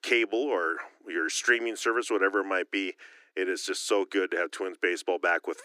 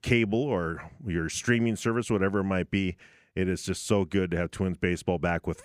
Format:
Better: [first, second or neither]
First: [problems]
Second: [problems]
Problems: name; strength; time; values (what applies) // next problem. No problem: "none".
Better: second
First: thin; very; fading below 300 Hz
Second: none